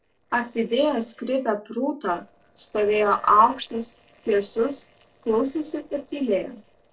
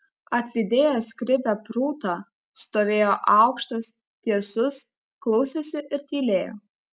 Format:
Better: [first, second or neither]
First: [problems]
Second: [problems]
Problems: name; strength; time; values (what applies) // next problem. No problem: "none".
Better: second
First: noise reduction (neural separator model SepFormer DNS4)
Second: none